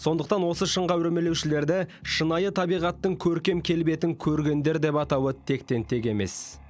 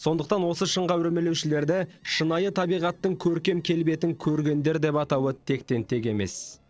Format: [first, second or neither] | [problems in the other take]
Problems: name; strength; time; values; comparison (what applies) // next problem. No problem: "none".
first | noise reduction (neural separator model SepFormer DNS4)